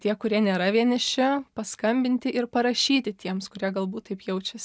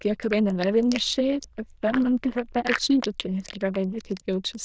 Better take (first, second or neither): first